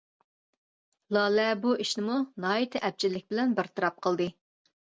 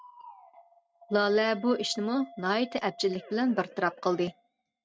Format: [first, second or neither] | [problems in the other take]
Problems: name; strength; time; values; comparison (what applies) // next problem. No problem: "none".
first | noise reduction (neural mask model RNNoise)